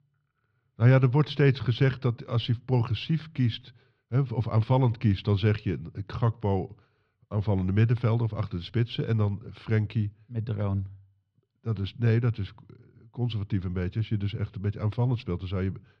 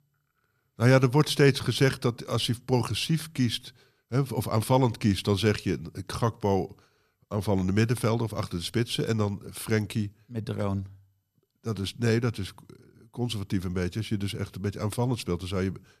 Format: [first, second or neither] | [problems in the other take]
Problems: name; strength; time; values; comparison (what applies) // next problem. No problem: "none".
second | muffled; slightly; fading above 3.5 kHz